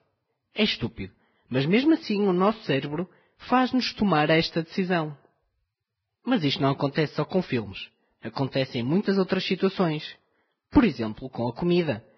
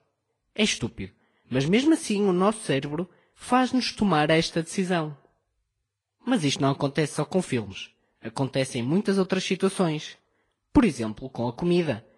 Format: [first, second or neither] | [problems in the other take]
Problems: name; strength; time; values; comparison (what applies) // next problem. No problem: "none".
second | garbled, watery; badly; nothing above 5.5 kHz; slightly in the second